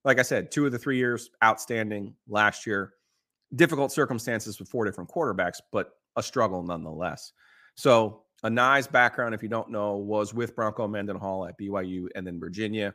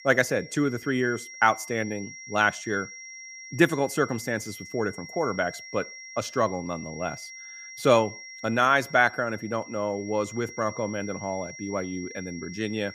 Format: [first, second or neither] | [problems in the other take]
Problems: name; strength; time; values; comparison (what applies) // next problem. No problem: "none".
first | high-pitched whine; noticeable; throughout; 2 kHz, 15 dB below the speech